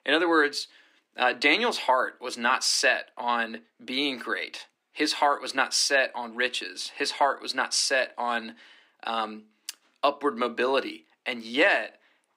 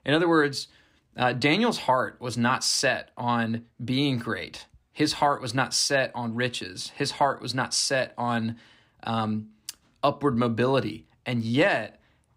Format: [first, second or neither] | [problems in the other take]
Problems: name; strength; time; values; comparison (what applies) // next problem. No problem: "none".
second | thin; somewhat; fading below 300 Hz